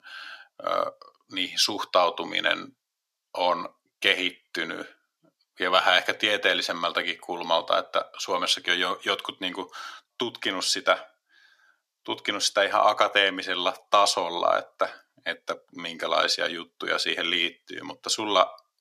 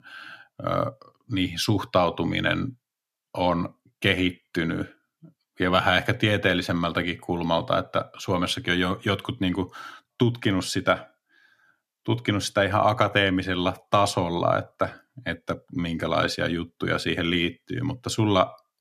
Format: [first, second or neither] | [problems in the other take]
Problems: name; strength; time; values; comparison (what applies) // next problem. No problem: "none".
second | thin; very; fading below 550 Hz